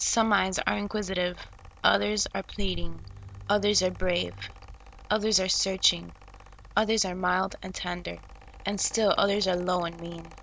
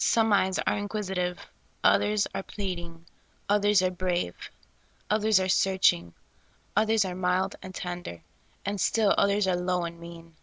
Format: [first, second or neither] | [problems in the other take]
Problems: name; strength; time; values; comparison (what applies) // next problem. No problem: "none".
second | background sound (Bowed string instrument + Mechanical fan); 18 dB below the speech